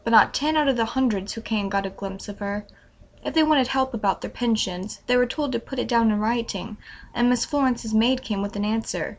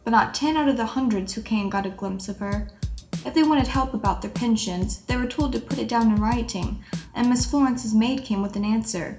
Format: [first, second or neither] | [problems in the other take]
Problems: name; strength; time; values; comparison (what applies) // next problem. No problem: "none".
first | background sound (Drum / Drum kit); 8 dB below the speech // room echo; dies away in 0.4 s